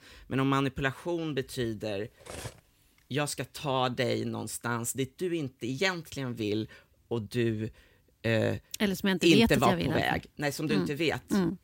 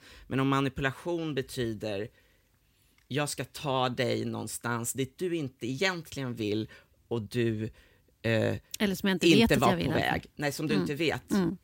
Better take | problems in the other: second | clattering dishes; faint; at 2 s; peak 10 dB below the speech

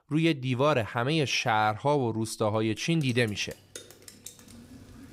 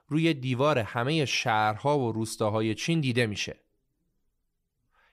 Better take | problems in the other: second | rain or running water; faint; from 3 s on; 20 dB below the speech

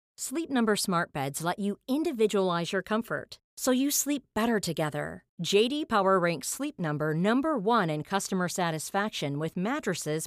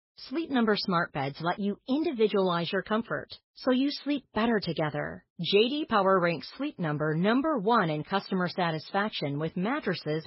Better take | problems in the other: first | garbled, watery; badly; nothing above 5.5 kHz

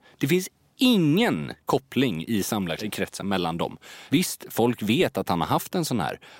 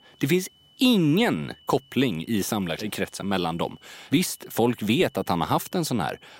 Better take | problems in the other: first | high-pitched whine; faint; throughout; 3 kHz, 30 dB below the speech

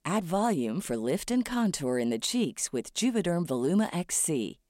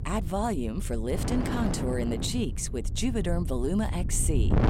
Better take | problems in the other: first | wind noise on the microphone; heavy; 7 dB below the speech

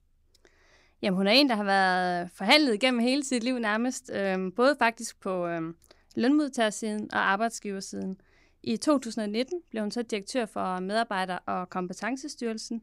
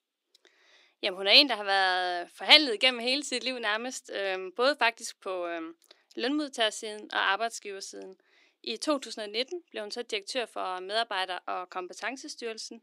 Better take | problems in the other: first | thin; somewhat; fading below 300 Hz

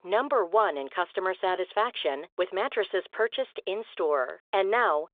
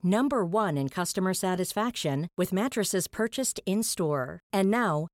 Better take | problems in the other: second | phone-call audio

